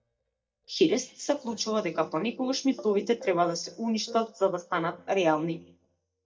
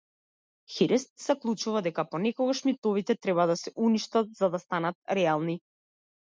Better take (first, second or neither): second